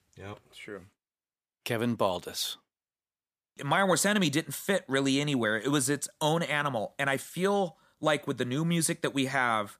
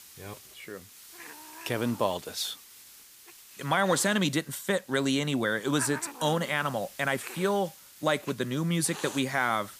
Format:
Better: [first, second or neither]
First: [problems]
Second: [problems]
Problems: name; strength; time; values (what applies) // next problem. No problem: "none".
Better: first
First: none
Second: hiss; noticeable; throughout; 15 dB below the speech